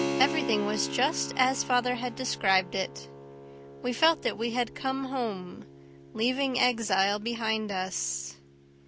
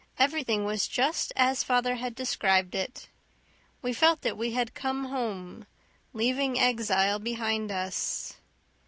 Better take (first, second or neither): second